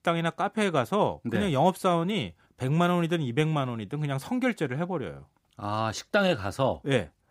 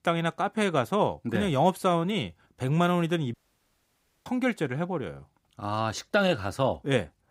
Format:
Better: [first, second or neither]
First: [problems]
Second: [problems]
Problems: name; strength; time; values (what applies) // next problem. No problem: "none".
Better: first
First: none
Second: audio cutting out; at 3.5 s for 1 s